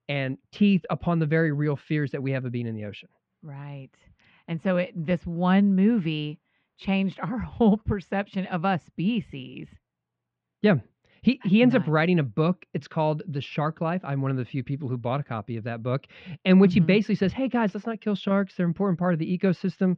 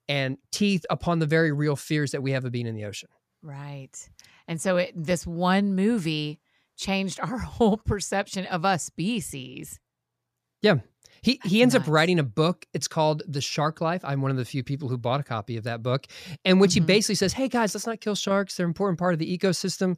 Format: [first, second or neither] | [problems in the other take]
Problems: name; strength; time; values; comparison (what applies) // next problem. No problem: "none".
second | muffled; very; fading above 3 kHz